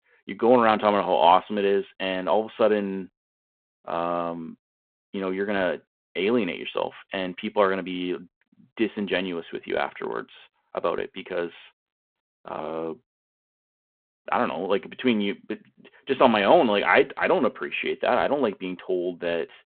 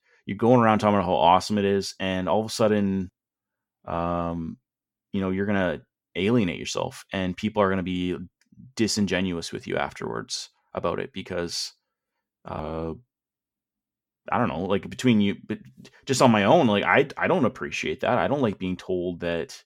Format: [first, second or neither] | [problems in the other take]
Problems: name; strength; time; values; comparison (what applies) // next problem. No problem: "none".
second | phone-call audio